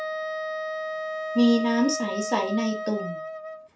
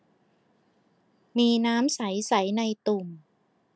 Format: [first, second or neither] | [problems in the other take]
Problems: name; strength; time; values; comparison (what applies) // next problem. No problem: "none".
second | background sound (Wind instrument, woodwind instrument); 5 dB below the speech // room echo; dies away in 0.2 s